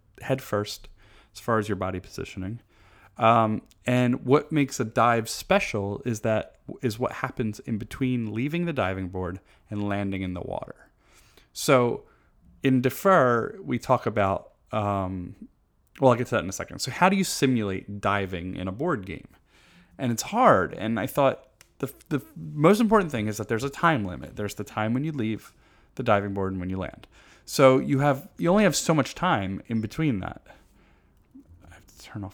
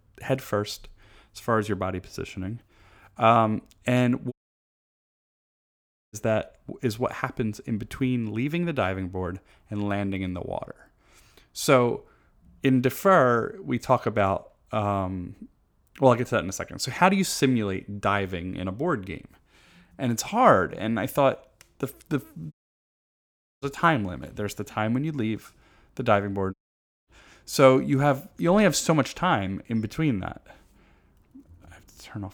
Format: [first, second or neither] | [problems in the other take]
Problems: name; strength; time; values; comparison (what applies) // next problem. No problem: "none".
first | audio cutting out; at 4.5 s for 2 s, at 23 s for 1 s and at 27 s for 0.5 s